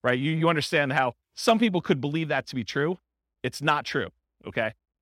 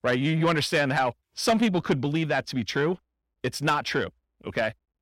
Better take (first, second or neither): first